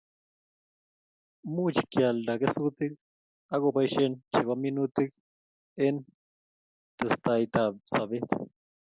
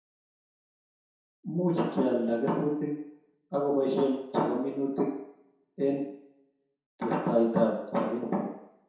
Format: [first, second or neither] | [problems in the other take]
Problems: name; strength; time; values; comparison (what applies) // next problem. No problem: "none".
first | room echo; dies away in 0.7 s